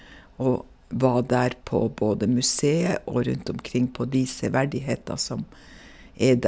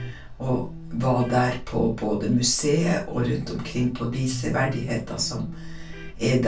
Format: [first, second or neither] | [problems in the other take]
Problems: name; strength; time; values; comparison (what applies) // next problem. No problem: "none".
first | background sound (Electric guitar); 15 dB below the speech // room echo; dies away in 0.2 s